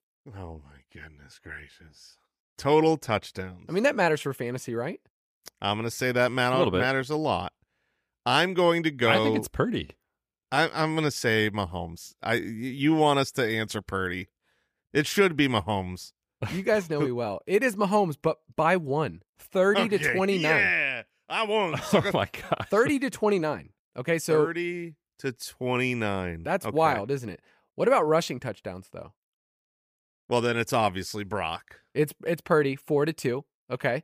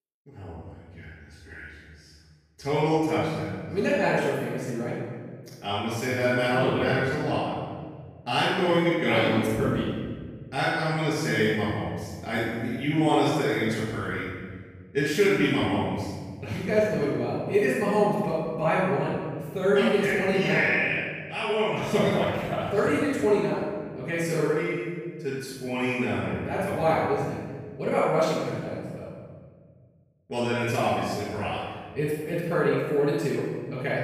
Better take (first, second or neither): first